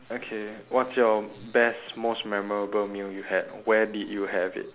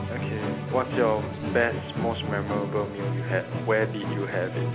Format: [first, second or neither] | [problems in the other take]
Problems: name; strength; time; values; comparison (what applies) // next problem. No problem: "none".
first | background sound (Musical instrument); 2 dB below the speech